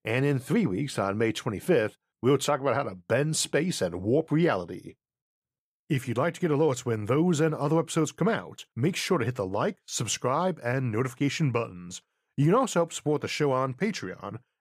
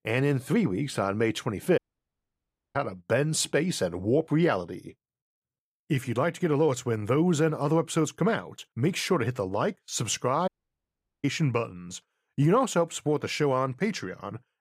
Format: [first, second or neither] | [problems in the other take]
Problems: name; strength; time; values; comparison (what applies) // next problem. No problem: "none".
first | audio cutting out; at 2 s for 1 s and at 10 s for 1 s